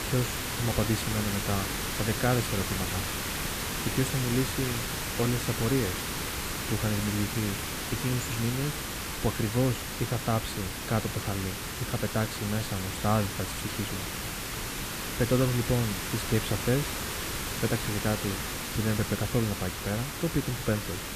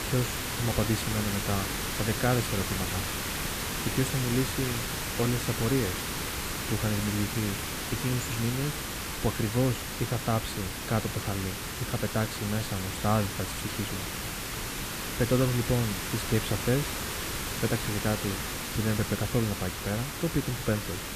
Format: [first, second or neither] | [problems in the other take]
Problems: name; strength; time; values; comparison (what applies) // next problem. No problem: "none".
neither | hiss; loud; throughout; 1 dB below the speech; the same in both